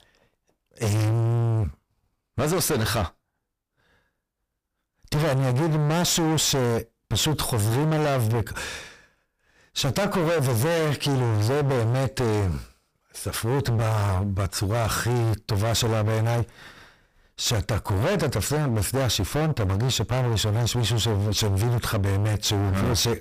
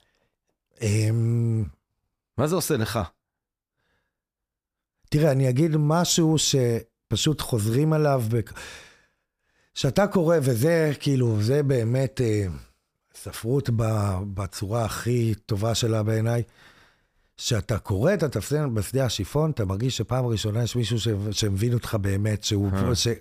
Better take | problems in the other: second | distortion; heavy; 34% of the sound clipped

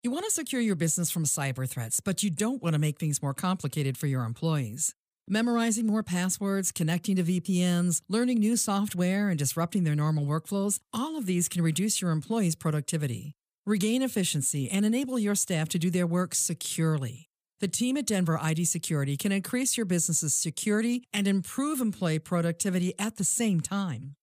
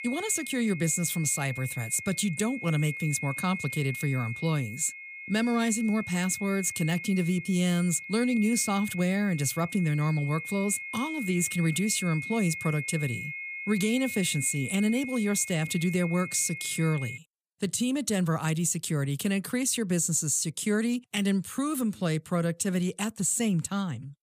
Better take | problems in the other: first | high-pitched whine; loud; until 17 s; 2 kHz, 9 dB below the speech

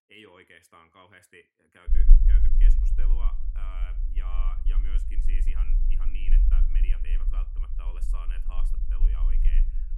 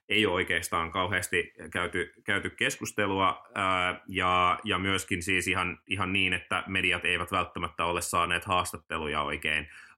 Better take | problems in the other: second | low rumble; loud; from 2 s on; 4 dB below the speech

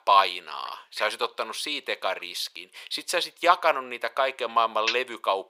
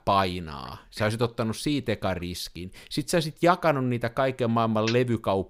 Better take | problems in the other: second | thin; very; fading below 500 Hz

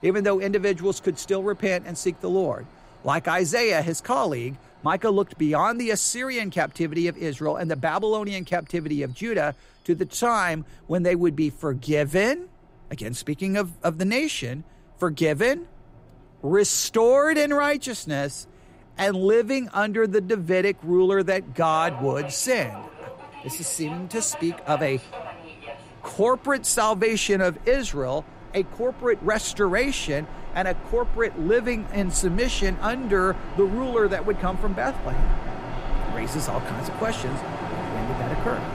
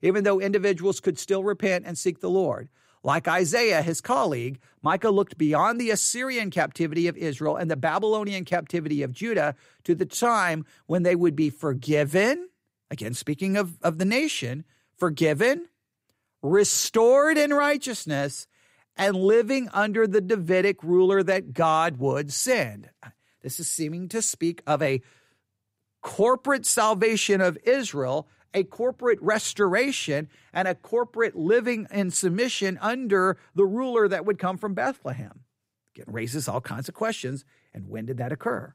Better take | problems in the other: second | train or aircraft noise; noticeable; throughout; 10 dB below the speech

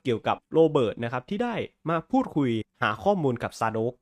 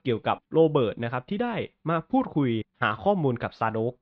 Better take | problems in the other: first | muffled; slightly; fading above 4 kHz

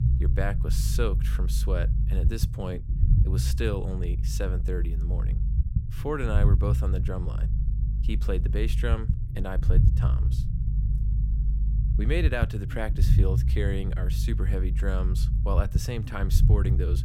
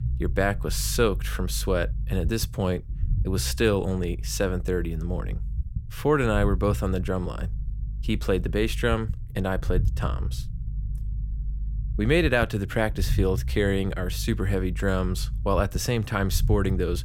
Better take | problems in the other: second | low rumble; loud; throughout; 7 dB below the speech; faint in the second

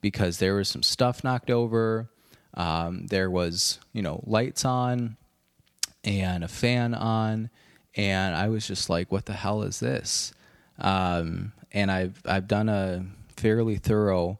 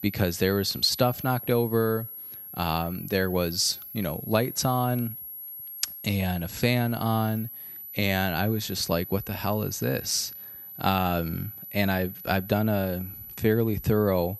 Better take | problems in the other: first | high-pitched whine; noticeable; throughout; 12 kHz, 10 dB below the speech

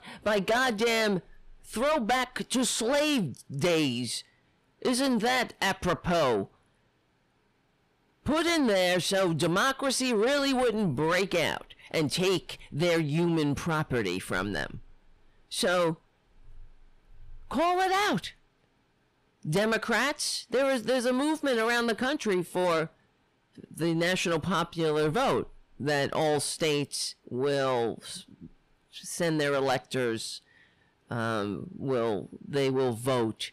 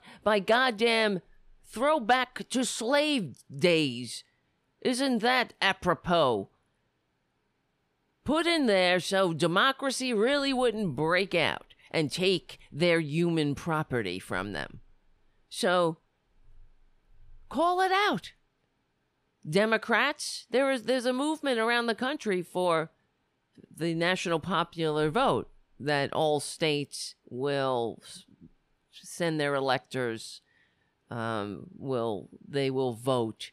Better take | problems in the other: second | distortion; heavy; 7 dB below the speech

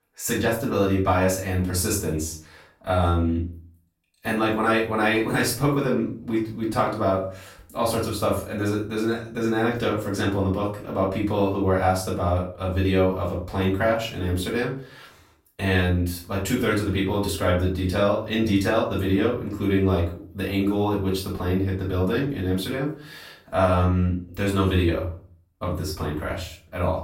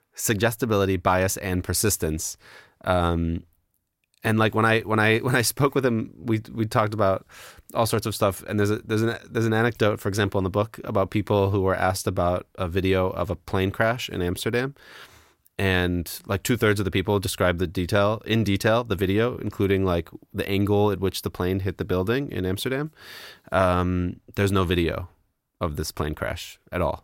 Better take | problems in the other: second | off-mic speech; far // room echo; slight; dies away in 0.4 s

